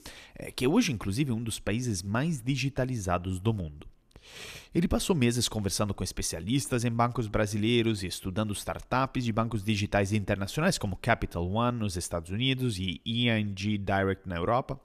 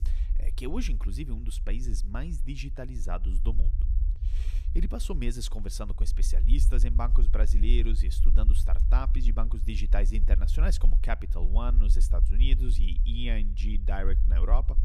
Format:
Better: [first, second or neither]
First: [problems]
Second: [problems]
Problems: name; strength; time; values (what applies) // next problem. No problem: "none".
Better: first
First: none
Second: low rumble; noticeable; throughout; 10 dB below the speech